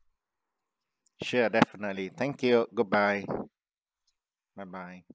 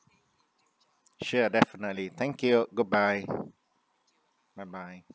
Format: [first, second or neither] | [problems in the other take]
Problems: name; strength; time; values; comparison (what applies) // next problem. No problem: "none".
second | noise reduction (neural mask model Resemble Enhance denoiser)